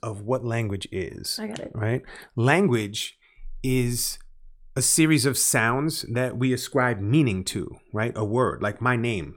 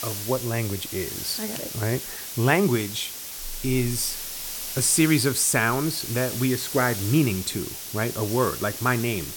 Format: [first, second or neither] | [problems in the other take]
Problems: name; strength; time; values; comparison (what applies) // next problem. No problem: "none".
first | hiss; loud; throughout; 7 dB below the speech